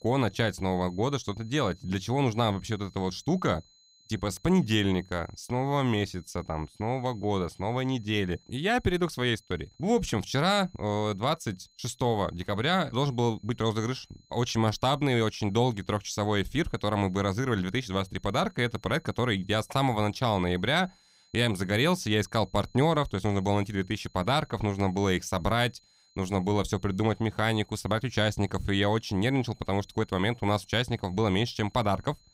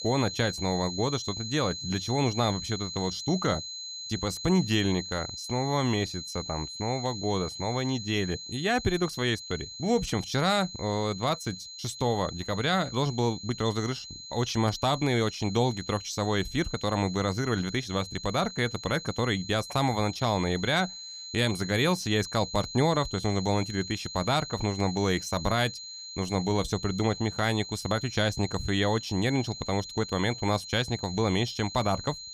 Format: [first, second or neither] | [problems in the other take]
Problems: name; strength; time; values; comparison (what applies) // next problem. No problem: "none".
first | high-pitched whine; loud; throughout; 4 kHz, 9 dB below the speech; faint in the first